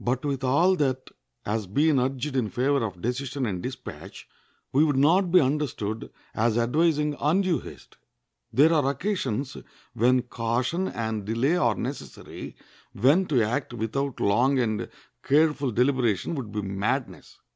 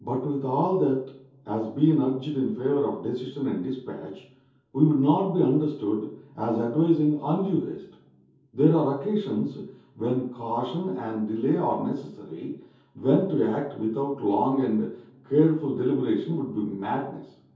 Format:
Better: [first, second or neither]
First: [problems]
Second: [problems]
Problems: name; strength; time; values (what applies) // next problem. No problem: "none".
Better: first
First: none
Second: room echo; dies away in 0.6 s